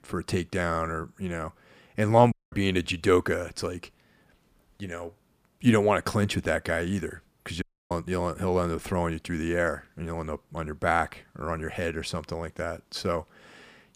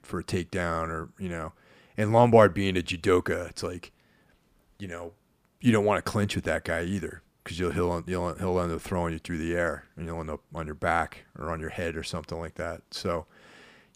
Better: second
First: audio cutting out; at 2.5 s and at 7.5 s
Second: none

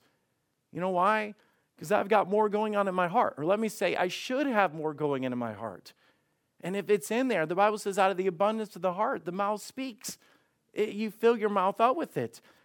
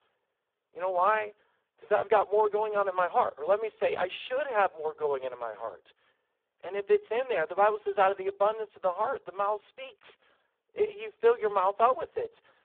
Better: first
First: none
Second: phone-call audio; poor line

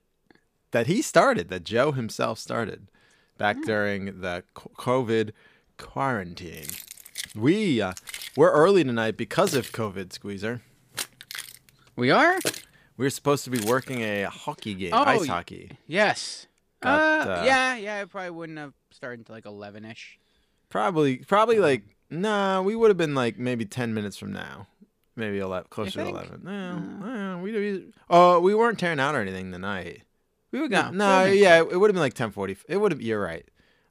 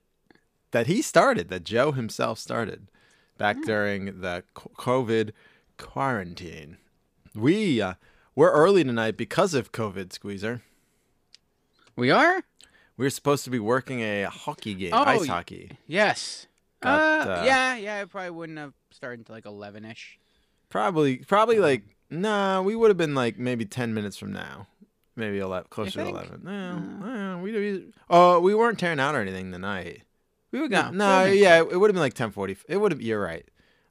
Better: second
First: jangling keys; noticeable; from 6.5 to 14 s; peak 6 dB below the speech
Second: none

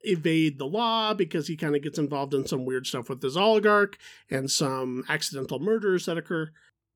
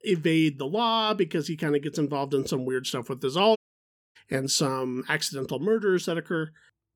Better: first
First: none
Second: audio cutting out; at 3.5 s for 0.5 s

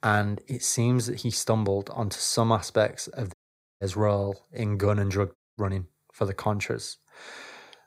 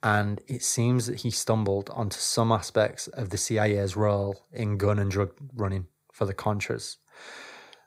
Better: second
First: audio cutting out; at 3.5 s and at 5.5 s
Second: none

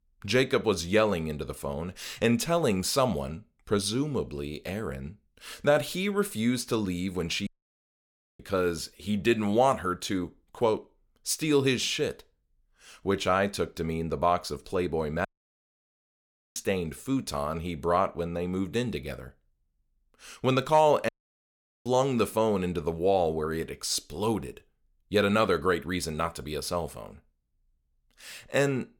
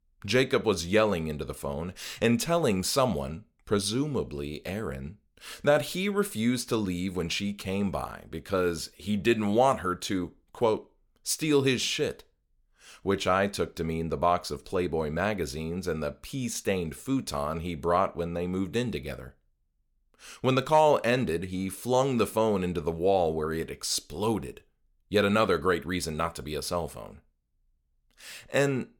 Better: second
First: audio cutting out; at 7.5 s for 1 s, at 15 s for 1.5 s and at 21 s for 1 s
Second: none

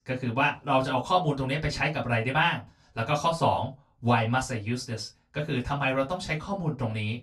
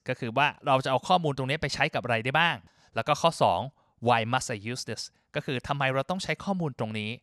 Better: second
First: off-mic speech; far // room echo; very slight; dies away in 0.2 s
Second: none

